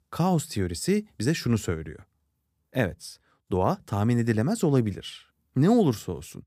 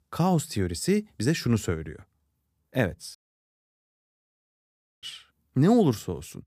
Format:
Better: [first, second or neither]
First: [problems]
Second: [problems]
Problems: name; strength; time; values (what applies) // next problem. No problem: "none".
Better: first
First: none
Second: audio cutting out; at 3 s for 2 s